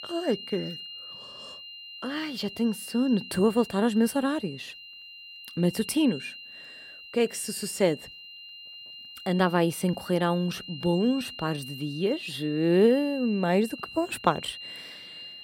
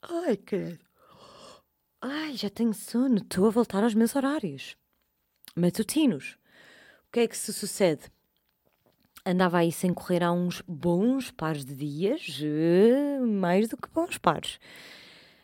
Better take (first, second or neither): second